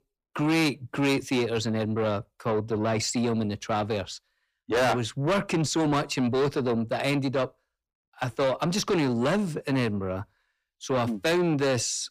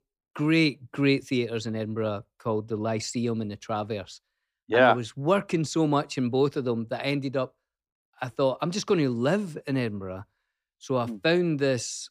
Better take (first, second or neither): second